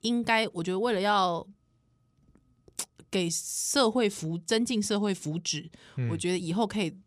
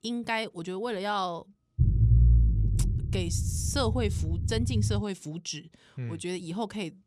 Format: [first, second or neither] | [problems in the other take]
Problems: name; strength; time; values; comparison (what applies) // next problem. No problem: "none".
first | low rumble; loud; from 2 to 5 s; 9 dB below the speech